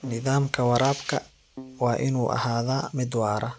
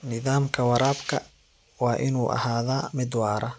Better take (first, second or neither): second